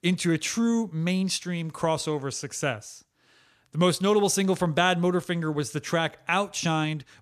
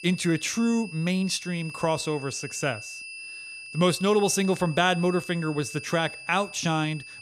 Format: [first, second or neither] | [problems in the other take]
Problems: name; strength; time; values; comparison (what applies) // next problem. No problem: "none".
first | high-pitched whine; noticeable; throughout; 2.5 kHz, 15 dB below the speech